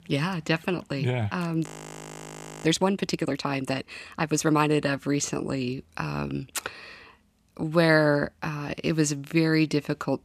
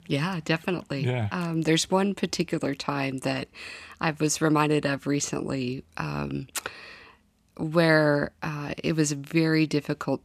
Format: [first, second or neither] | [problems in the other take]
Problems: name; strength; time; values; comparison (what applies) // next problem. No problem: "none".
second | audio freezing; at 1.5 s for 1 s